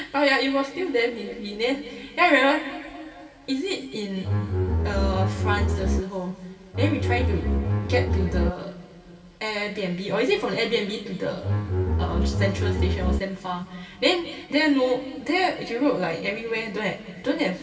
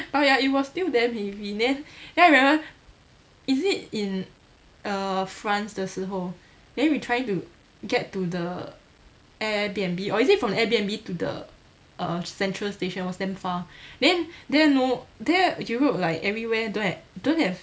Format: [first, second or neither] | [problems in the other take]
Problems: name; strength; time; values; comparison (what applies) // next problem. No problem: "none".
second | background sound (Bowed string instrument); 3 dB above the speech // room echo; dies away in 2.4 s